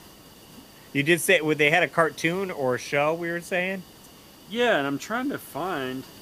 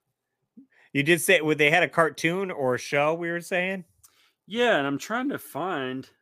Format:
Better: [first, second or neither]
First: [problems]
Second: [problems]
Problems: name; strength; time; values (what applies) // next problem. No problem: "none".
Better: second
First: hiss; faint; throughout; 25 dB below the speech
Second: none